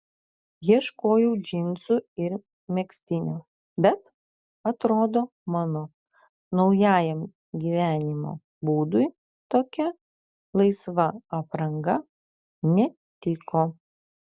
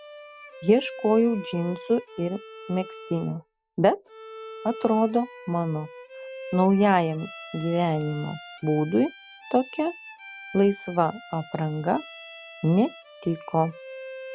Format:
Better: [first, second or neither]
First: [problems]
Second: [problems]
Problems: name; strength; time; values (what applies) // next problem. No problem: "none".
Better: first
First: none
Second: background sound (Bowed string instrument); 16 dB below the speech